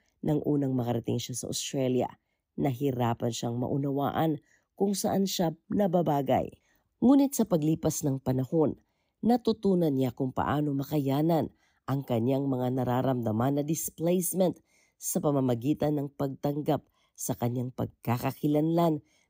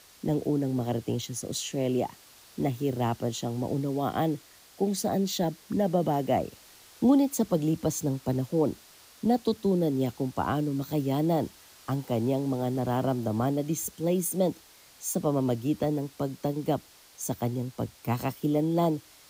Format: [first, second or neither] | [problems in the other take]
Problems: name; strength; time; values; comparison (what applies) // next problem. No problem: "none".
first | hiss; faint; throughout; 25 dB below the speech